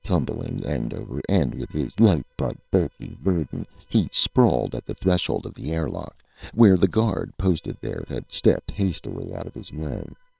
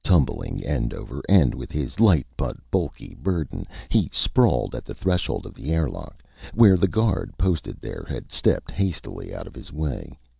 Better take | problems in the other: second | noise reduction (neural separator model SepFormer WHAM!)

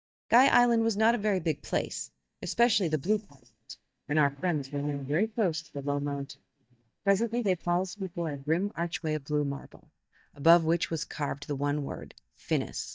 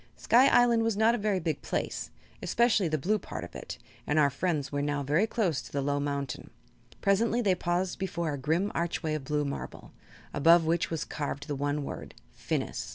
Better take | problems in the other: second | noise reduction (neural mask model DeepFilterNet 3)

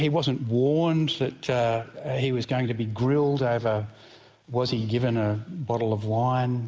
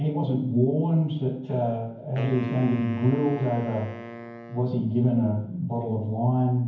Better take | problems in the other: first | background sound (Wind instrument, woodwind instrument); 15 dB below the speech // room echo; dies away in 0.9 s

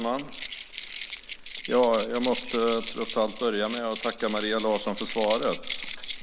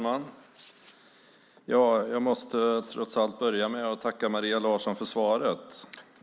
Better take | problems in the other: second | background sound (Keys jangling); 9 dB below the speech

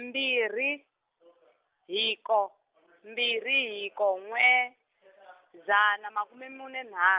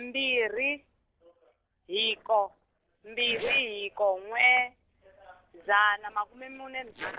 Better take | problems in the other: first | noise reduction (neural separator model SepFormer DNS4)

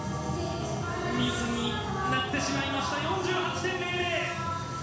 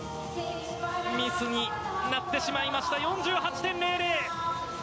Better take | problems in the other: second | background sound (Bell); 11 dB below the speech // room echo; dies away in 1.1 s

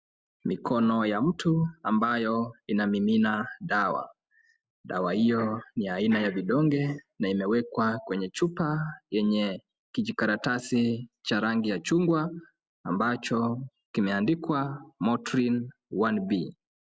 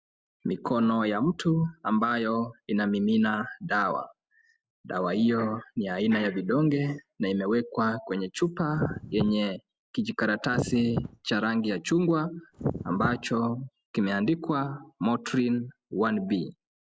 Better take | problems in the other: first | background sound (Wind); 5 dB below the speech

